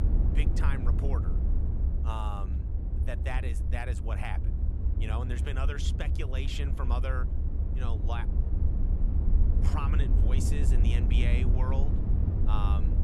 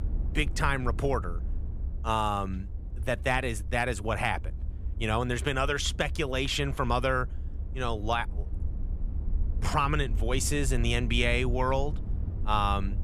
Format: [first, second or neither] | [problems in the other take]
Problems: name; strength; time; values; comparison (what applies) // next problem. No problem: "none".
second | low rumble; loud; throughout; 5 dB below the speech; faint in the second